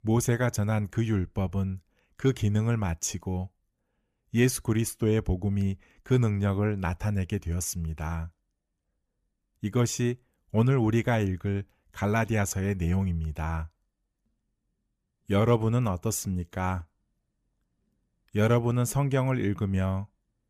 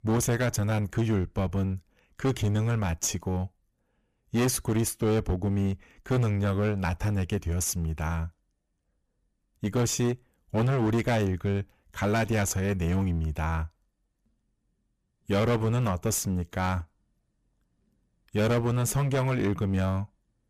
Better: first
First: none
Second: distortion; heavy; 14% of the sound clipped

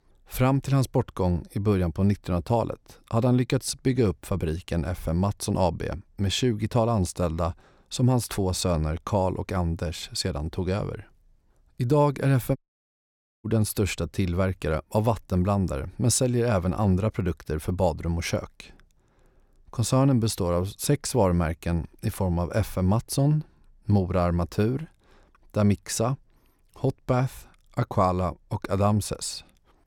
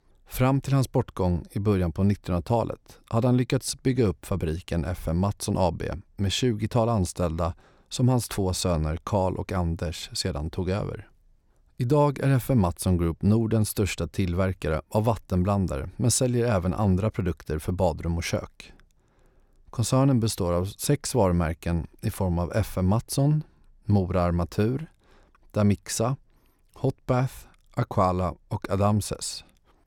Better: second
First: audio cutting out; at 13 s for 1 s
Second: none

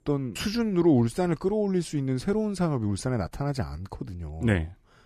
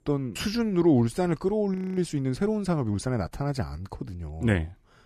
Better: first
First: none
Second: audio freezing; at 1.5 s

